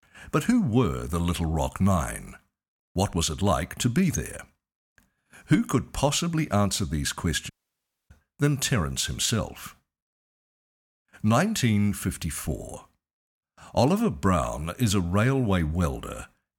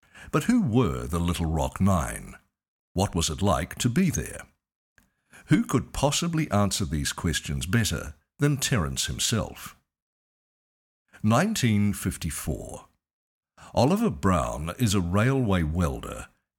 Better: second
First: audio cutting out; at 7.5 s for 0.5 s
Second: none

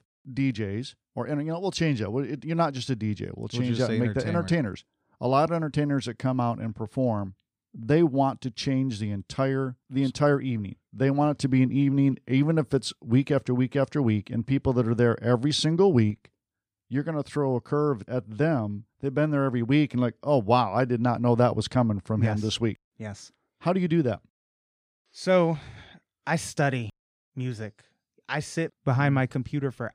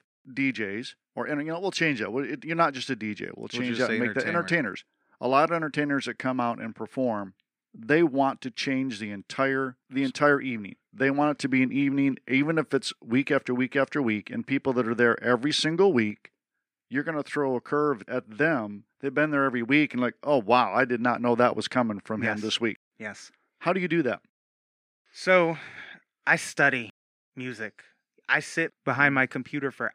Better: first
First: none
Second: thin; very slightly; fading below 250 Hz

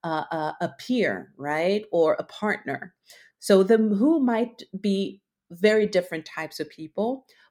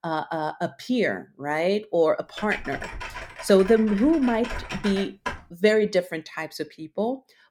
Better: first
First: none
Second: keyboard typing; noticeable; from 2.5 to 5.5 s; peak 9 dB below the speech

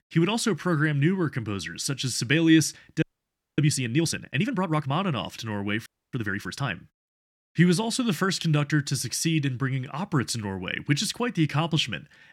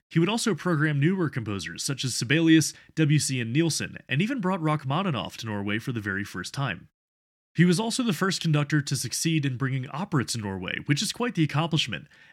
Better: second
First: audio freezing; at 3 s for 0.5 s and at 6 s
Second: none

